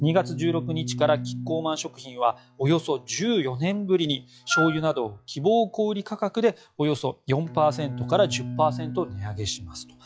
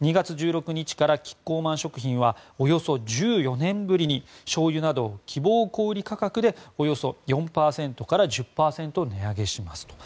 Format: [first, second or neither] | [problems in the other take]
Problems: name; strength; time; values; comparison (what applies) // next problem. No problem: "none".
second | noise reduction (classical method log-MMSE)